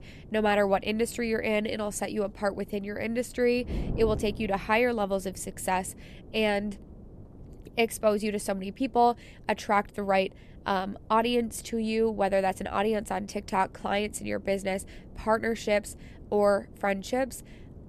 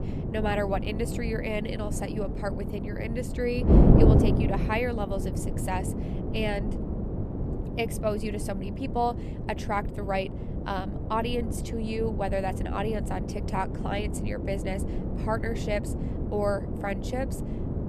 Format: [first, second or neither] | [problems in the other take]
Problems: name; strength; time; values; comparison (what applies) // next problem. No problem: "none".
first | wind noise on the microphone; heavy; 5 dB below the speech; occasional gusts in the first